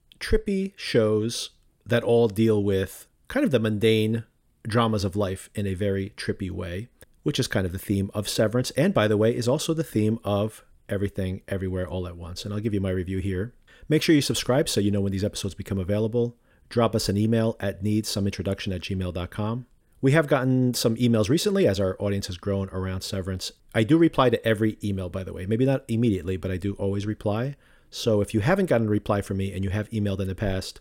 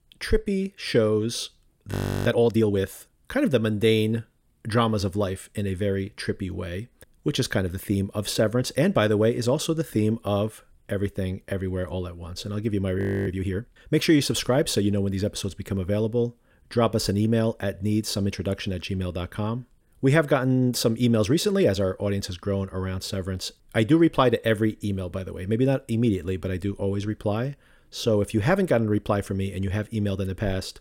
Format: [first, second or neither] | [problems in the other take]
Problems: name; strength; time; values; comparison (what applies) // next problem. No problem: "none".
first | audio freezing; at 2 s and at 13 s